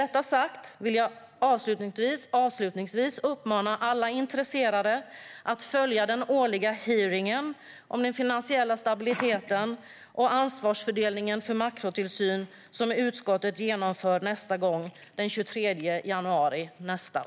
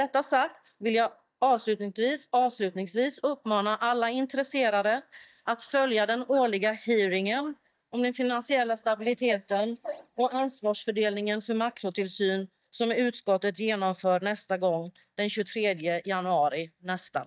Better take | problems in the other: first | noise reduction (neural mask model DeepFilterNet 3)

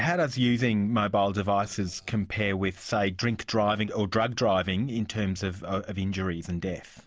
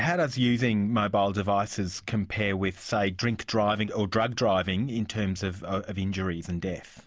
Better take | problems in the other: second | noise reduction (neural separator model SepFormer DNS4)

